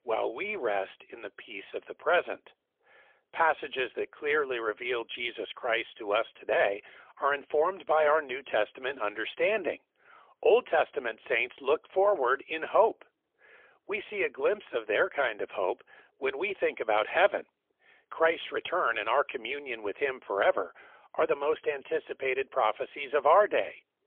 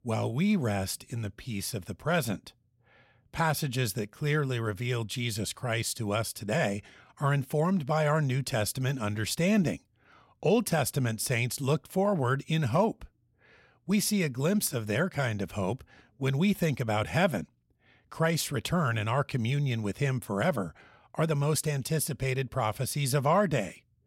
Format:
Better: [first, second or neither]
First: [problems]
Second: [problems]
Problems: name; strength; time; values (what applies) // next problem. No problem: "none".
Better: second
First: phone-call audio; poor line; nothing above 3.5 kHz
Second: none